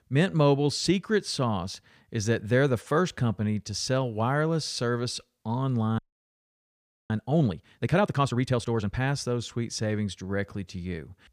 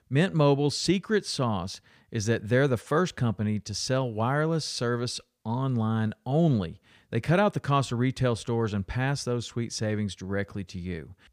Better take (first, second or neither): second